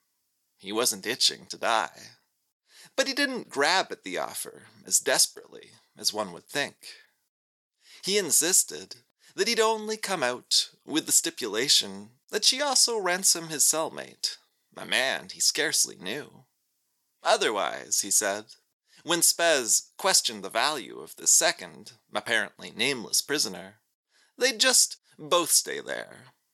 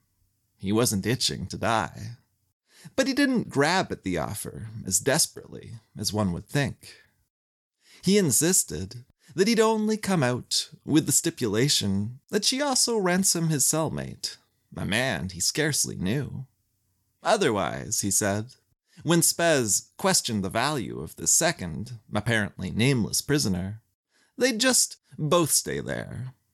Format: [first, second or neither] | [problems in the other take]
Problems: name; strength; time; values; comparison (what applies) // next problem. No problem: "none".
second | thin; somewhat; fading below 450 Hz